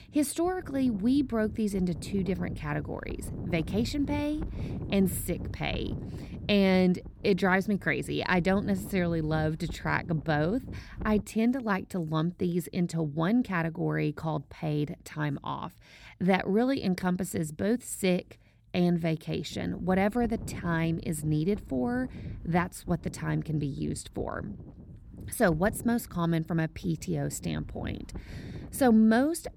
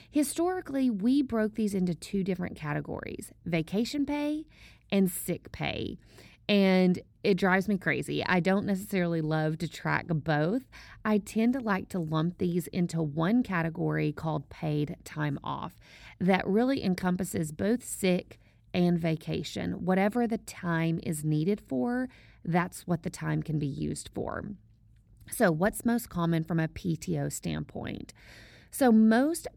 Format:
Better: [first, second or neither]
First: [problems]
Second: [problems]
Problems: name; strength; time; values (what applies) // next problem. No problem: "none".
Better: second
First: wind noise on the microphone; occasional gusts; until 11 s and from 20 s on; 20 dB below the speech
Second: none